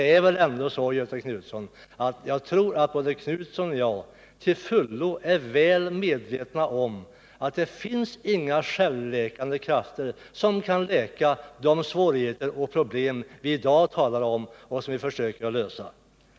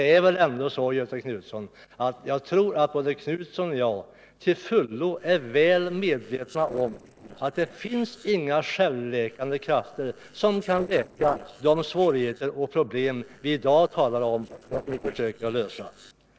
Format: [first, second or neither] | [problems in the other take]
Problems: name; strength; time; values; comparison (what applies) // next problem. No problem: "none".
first | noise reduction (neural separator model SepFormer DNS4)